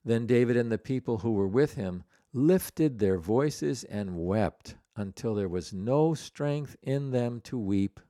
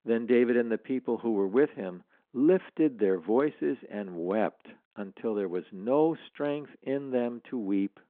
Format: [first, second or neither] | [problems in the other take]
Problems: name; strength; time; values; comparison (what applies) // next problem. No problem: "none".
first | phone-call audio